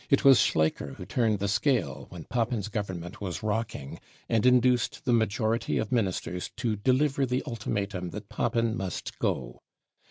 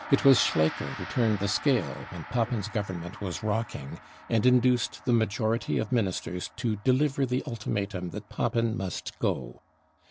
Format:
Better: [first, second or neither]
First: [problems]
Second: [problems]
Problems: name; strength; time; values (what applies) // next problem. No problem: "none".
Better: first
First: none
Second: background sound (Gong); 17 dB below the speech